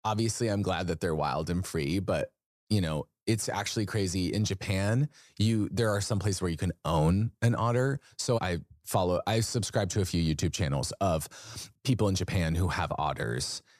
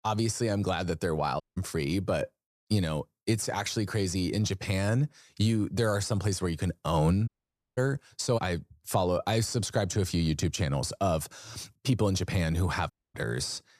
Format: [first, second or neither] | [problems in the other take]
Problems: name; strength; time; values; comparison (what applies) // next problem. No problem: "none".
first | audio cutting out; at 1.5 s, at 7.5 s and at 13 s